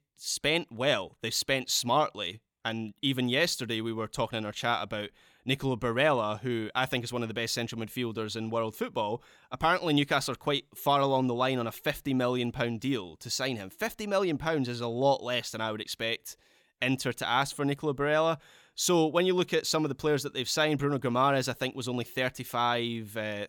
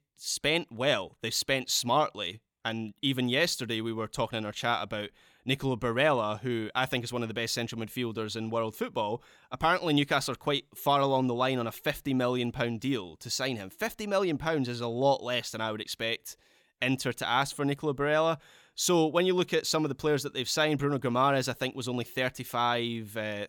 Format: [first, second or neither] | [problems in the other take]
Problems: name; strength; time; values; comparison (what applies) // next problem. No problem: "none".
neither | none